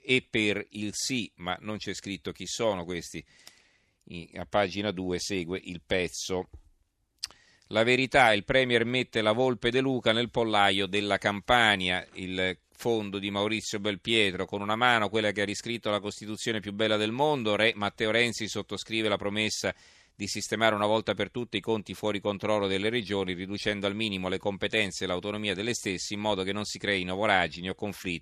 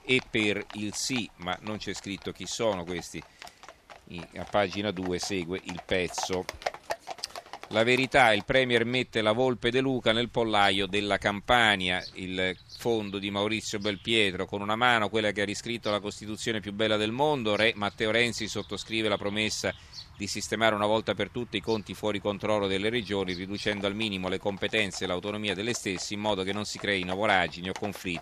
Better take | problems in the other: first | animal sounds; noticeable; throughout; 20 dB below the speech

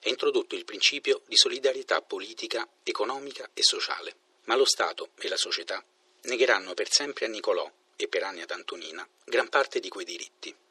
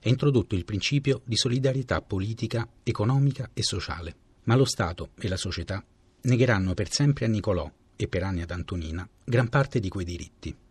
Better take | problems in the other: second | thin; very; fading below 400 Hz

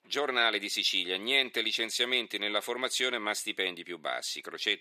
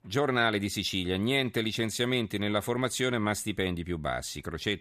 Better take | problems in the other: second | thin; somewhat; fading below 350 Hz

